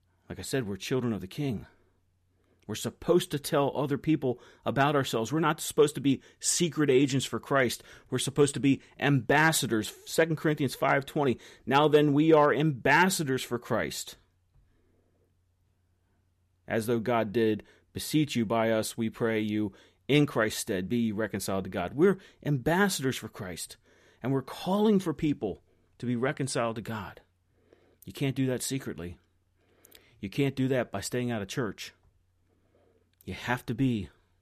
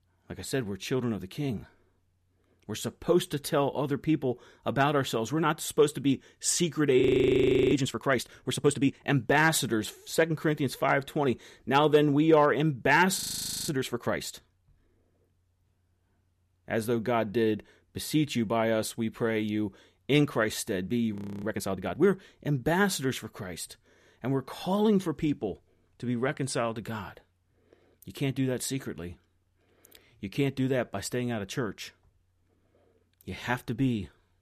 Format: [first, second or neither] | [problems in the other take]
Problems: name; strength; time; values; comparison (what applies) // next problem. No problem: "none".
first | audio freezing; at 7 s for 0.5 s, at 13 s and at 21 s